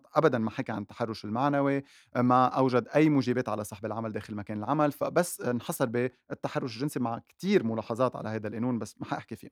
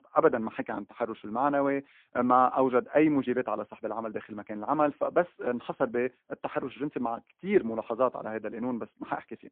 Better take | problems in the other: first | phone-call audio; poor line

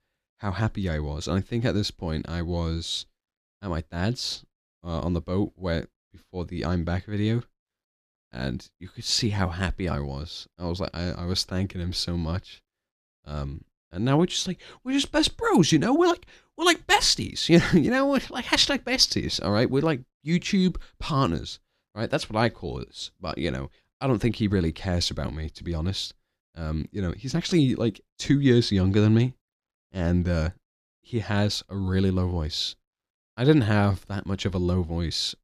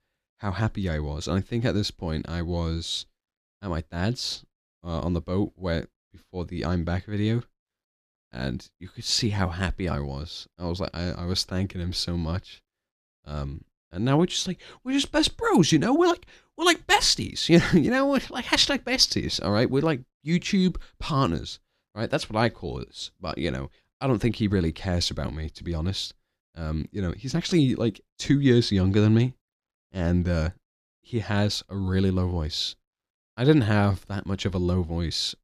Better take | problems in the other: neither | none

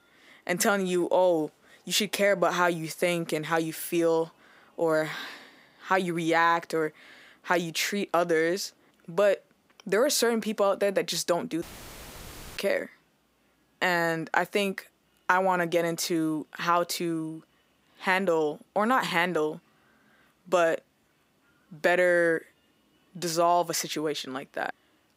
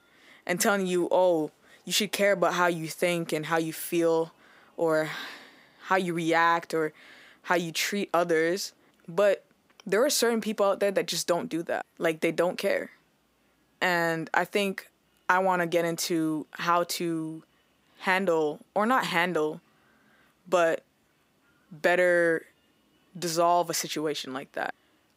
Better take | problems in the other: second | audio cutting out; filled with static; at 12 s for 1 s

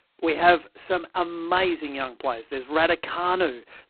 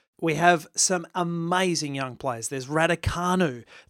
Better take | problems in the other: second | phone-call audio; poor line; nothing above 4 kHz

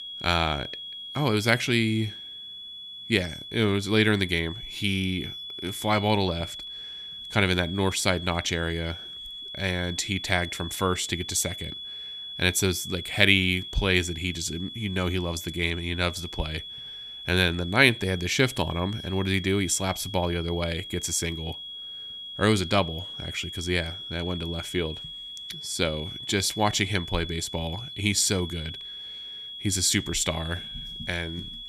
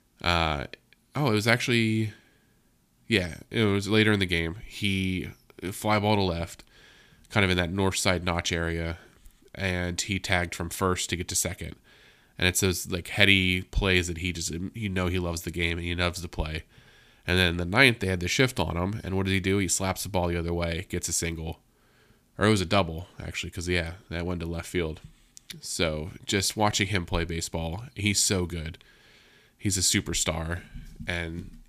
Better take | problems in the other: second | high-pitched whine; loud; throughout; 3.5 kHz, 10 dB below the speech

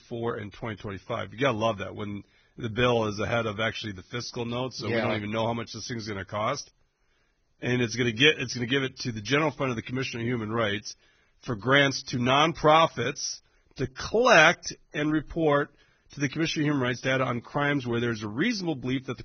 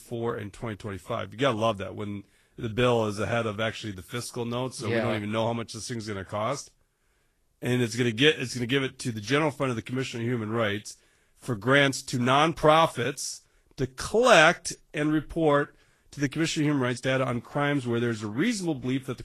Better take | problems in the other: second | garbled, watery; badly; nothing above 6 kHz; slightly in the second

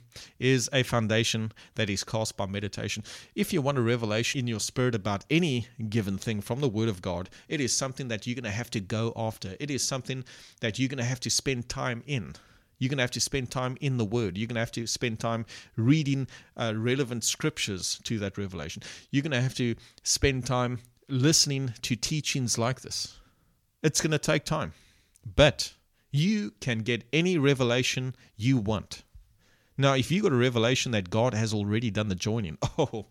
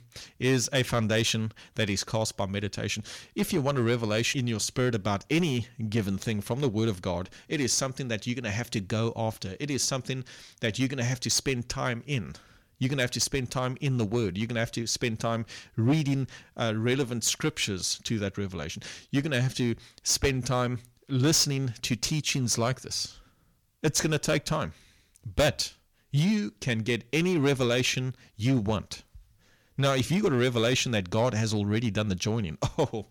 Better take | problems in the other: first | distortion; slight; 4% of the sound clipped

